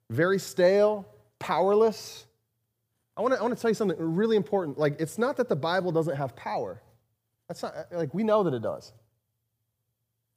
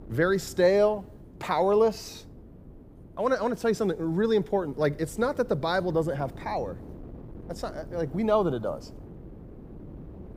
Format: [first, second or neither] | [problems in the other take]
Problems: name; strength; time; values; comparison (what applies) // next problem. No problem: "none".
first | wind noise on the microphone; occasional gusts; 25 dB below the speech